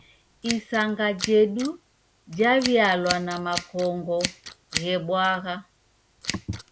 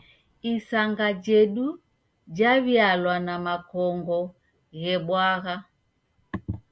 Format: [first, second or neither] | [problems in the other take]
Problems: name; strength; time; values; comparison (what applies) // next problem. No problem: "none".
second | background sound (Scissors); 11 dB below the speech